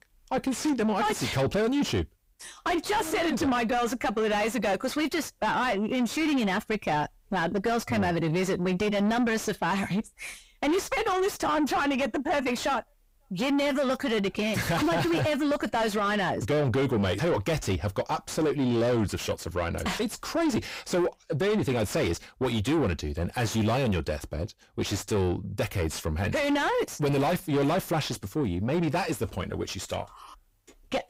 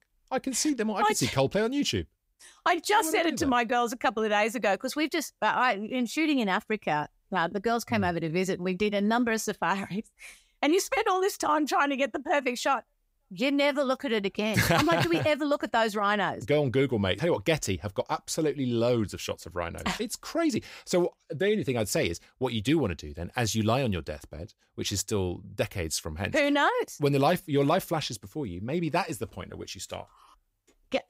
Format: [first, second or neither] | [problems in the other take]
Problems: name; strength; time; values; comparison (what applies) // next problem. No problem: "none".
second | distortion; heavy; 6 dB below the speech